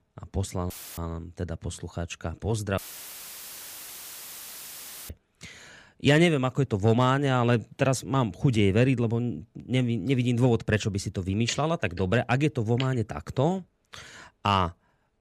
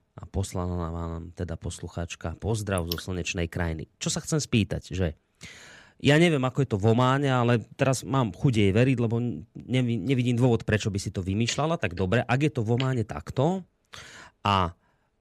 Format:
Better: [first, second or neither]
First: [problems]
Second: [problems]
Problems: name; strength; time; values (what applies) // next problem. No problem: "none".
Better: second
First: audio cutting out; filled with static; at 0.5 s and at 3 s for 2.5 s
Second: none